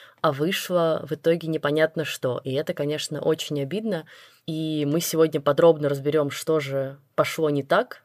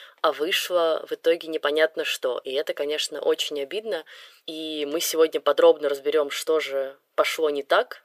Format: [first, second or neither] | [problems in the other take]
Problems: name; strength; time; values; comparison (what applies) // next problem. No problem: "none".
first | thin; very; fading below 400 Hz